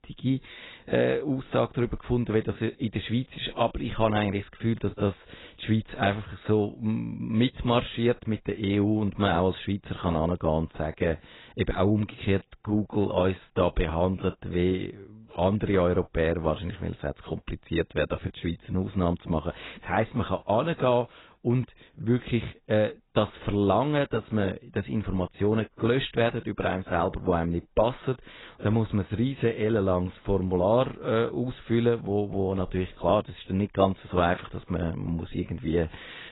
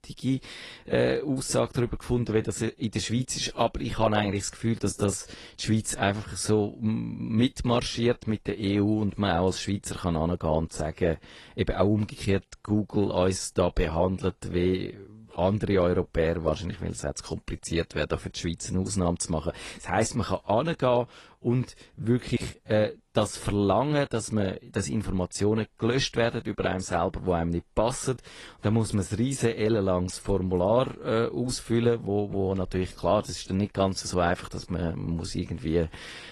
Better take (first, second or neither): second